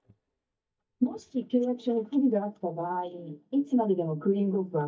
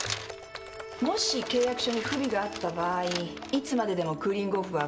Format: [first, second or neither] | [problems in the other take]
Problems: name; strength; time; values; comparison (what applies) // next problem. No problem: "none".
second | noise reduction (neural mask model DeepFilterNet 3)